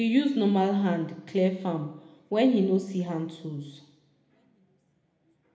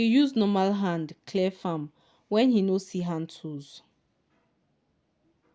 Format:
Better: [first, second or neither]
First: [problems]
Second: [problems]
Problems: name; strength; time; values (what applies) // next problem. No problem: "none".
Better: second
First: room echo; dies away in 0.9 s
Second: none